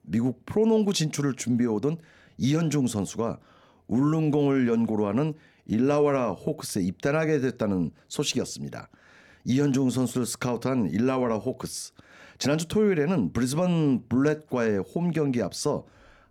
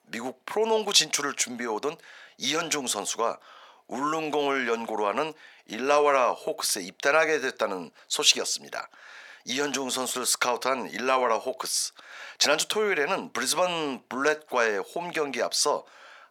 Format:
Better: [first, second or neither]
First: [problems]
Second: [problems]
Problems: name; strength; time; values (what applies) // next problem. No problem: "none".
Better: first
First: none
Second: thin; very; fading below 800 Hz